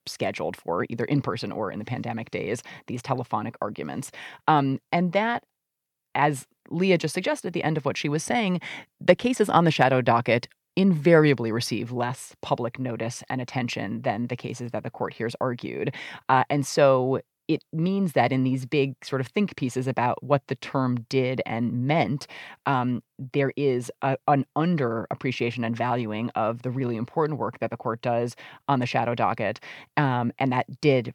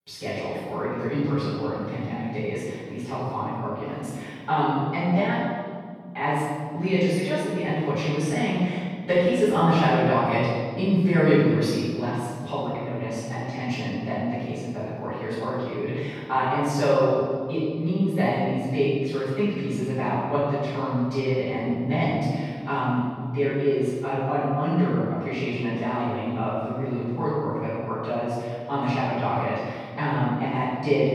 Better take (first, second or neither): first